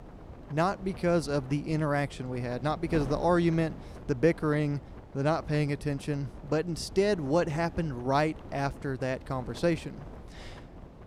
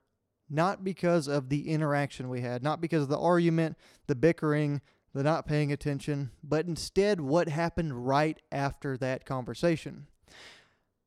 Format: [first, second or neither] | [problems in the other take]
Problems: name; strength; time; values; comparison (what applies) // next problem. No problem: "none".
second | wind noise on the microphone; occasional gusts; 20 dB below the speech